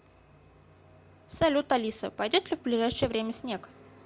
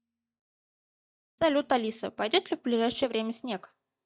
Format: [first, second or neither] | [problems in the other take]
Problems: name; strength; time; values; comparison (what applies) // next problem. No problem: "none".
first | noise reduction (neural mask model DeepFilterNet 3)